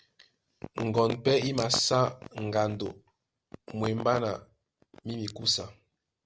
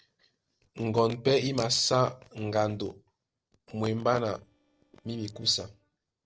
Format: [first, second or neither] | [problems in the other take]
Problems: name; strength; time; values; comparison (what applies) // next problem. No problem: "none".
first | noise reduction (neural separator model SepFormer DNS4)